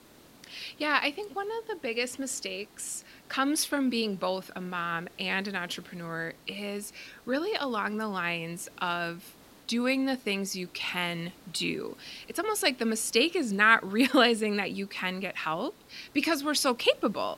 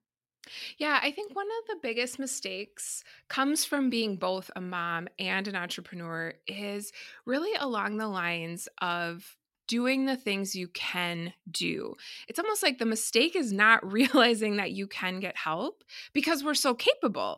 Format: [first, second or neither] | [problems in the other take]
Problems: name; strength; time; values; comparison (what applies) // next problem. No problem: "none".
second | hiss; faint; throughout; 25 dB below the speech